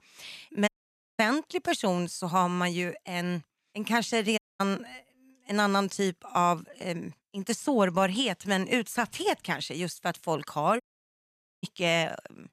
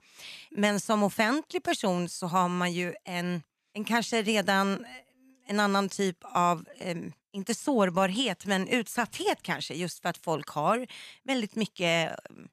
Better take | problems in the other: second | audio cutting out; at 0.5 s, at 4.5 s and at 11 s for 1 s

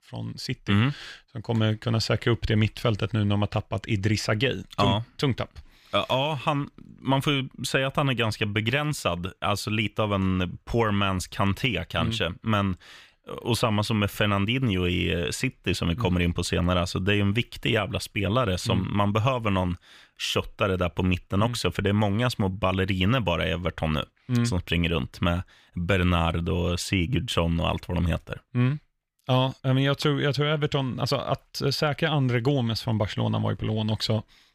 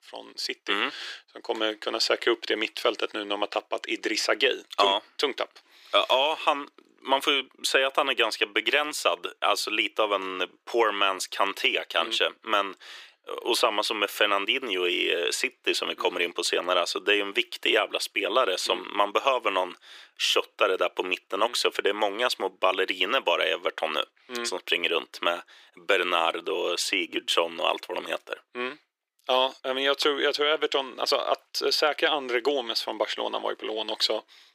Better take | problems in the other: first | thin; very; fading below 350 Hz

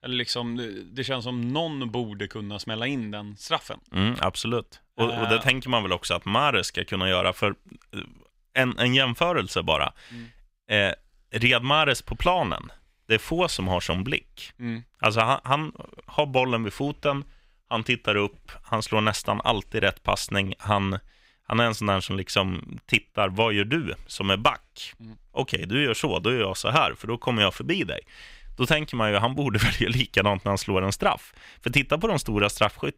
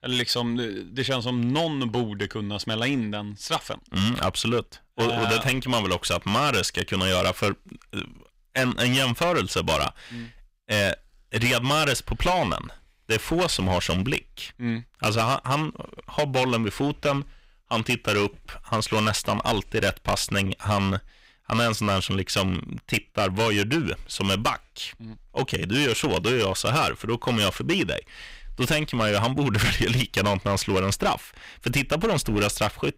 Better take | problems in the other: first | distortion; heavy; 10% of the sound clipped

